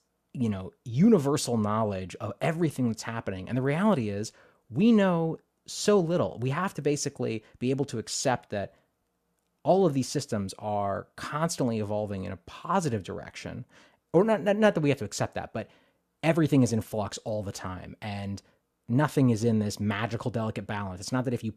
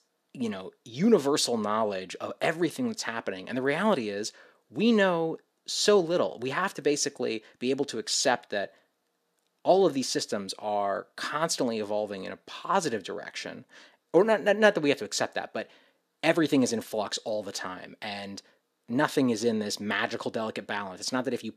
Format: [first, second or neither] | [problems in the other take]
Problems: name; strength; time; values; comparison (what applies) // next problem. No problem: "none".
first | thin; very slightly; fading below 300 Hz